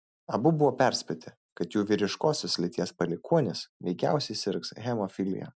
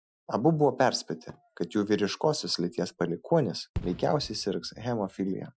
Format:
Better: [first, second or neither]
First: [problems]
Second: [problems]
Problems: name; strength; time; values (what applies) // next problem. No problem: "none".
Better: first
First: none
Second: noise reduction (classical method Wiener filter)